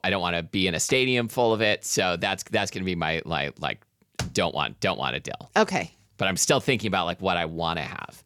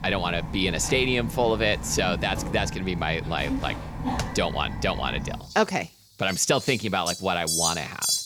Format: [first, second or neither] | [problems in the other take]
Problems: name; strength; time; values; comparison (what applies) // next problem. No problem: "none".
first | animal sounds; loud; throughout; 6 dB below the speech